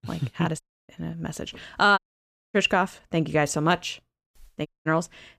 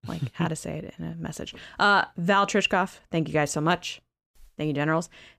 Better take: second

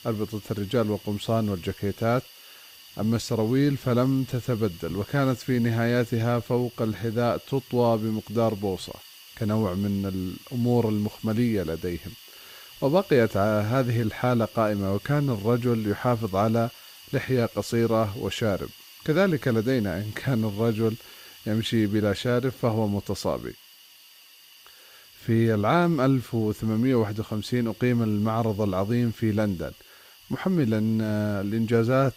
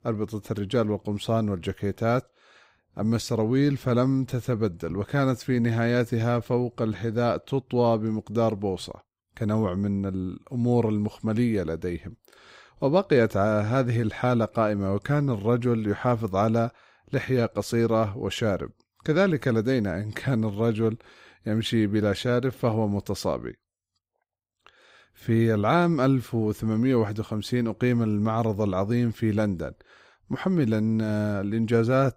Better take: second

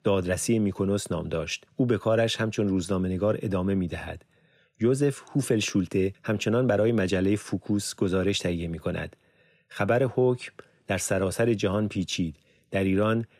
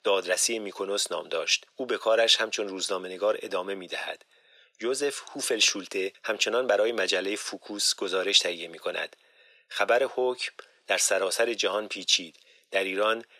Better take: first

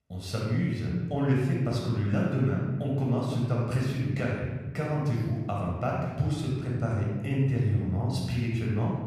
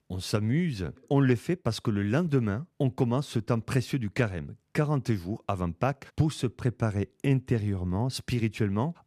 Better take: second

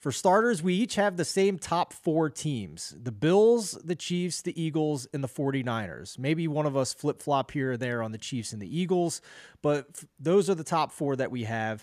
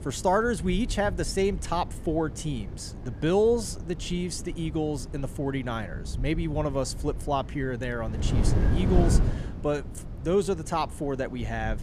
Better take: first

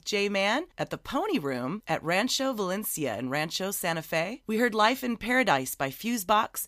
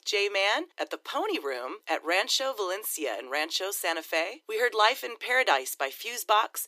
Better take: first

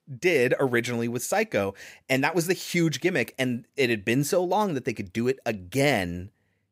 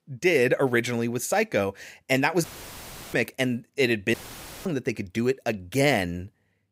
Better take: first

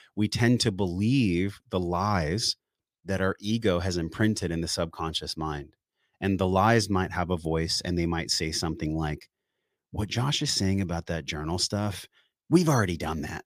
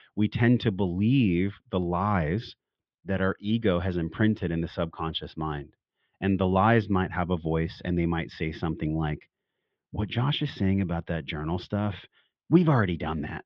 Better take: first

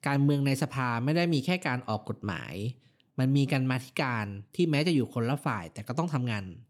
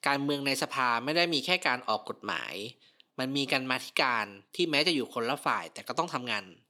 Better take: first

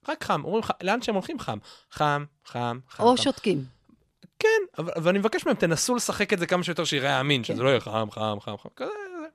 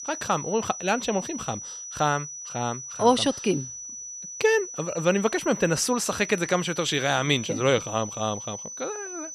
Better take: first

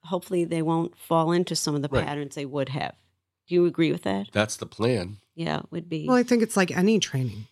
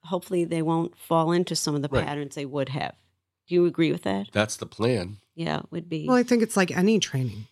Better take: neither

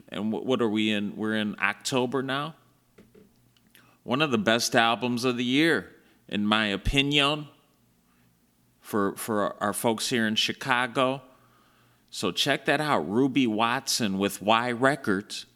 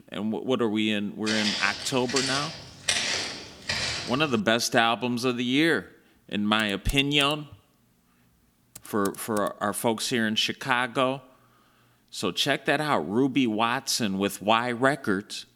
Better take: first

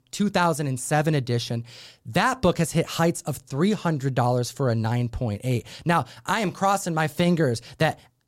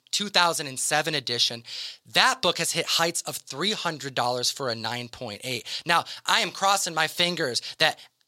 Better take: first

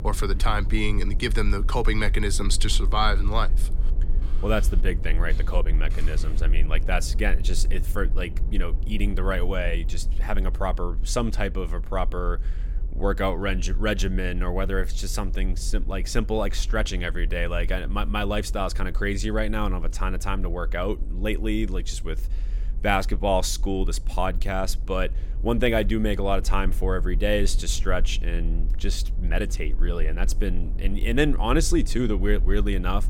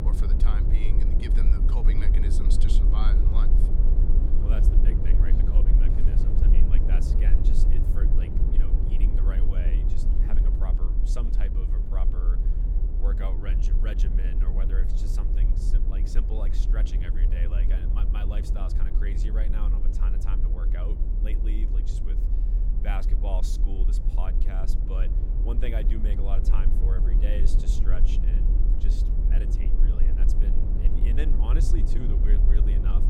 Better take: first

